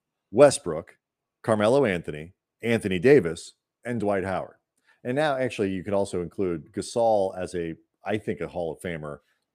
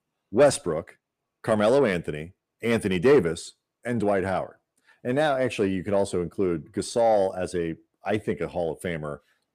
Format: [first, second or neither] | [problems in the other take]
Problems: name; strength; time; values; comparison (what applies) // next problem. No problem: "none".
first | distortion; slight; 10 dB below the speech